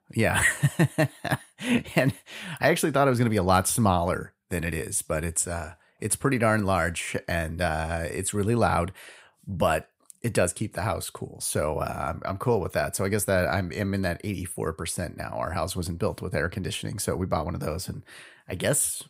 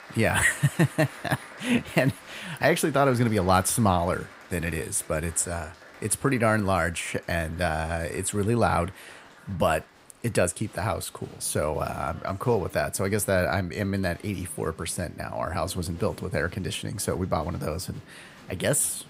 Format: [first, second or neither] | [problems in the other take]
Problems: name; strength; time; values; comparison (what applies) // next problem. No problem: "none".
first | crowd noise; faint; throughout; 20 dB below the speech